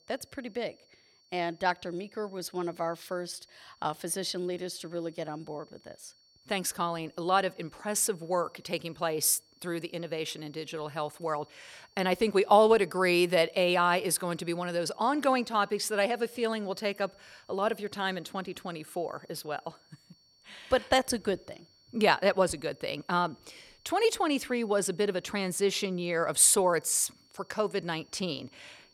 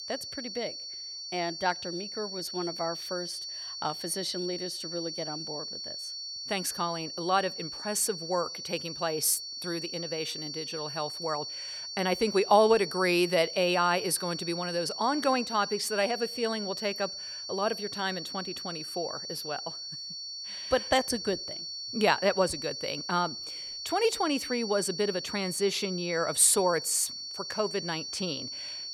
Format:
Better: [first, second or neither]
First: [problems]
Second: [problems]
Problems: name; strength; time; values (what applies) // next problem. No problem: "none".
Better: first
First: high-pitched whine; faint; throughout; 4.5 kHz, 30 dB below the speech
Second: high-pitched whine; loud; throughout; 4.5 kHz, 6 dB below the speech